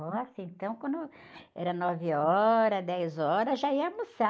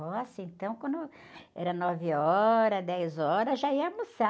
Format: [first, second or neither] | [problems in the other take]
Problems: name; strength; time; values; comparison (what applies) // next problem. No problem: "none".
second | noise reduction (neural mask model Resemble Enhance denoiser)